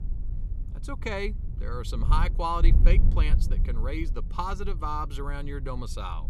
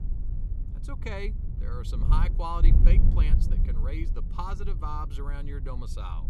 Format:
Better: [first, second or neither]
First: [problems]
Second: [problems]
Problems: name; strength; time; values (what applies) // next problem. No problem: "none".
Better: first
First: wind noise on the microphone; occasional gusts; 15 dB below the speech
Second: wind noise on the microphone; heavy; 8 dB below the speech